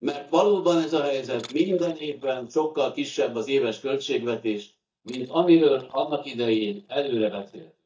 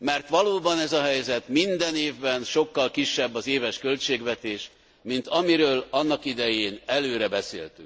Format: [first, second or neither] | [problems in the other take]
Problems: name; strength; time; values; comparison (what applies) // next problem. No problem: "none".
second | noise reduction (neural mask model DeepFilterNet 3)